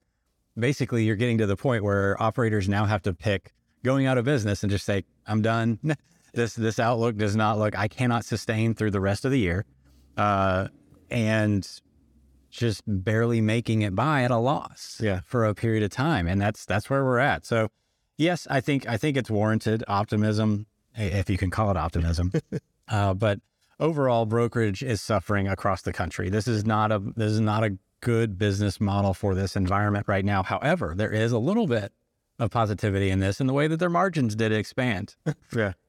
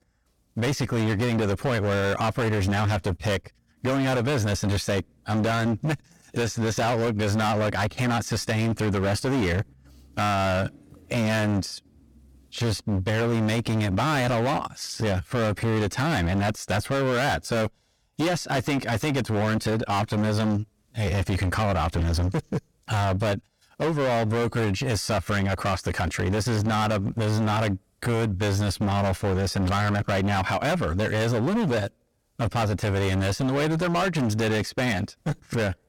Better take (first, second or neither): first